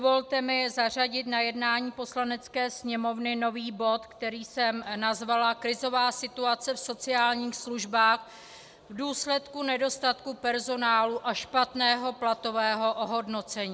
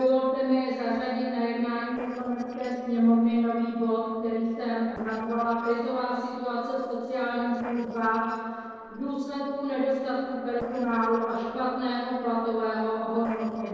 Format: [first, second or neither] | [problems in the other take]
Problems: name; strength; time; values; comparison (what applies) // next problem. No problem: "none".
first | noise reduction (neural separator model SepFormer DNS4)